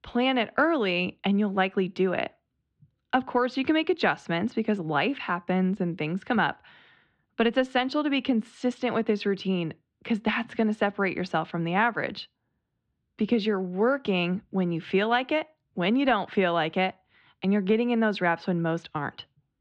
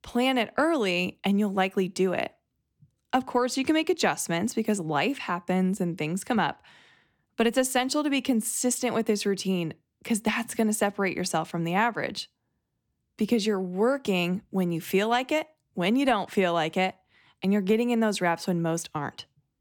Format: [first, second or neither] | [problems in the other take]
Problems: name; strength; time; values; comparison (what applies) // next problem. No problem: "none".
second | muffled; slightly; fading above 3.5 kHz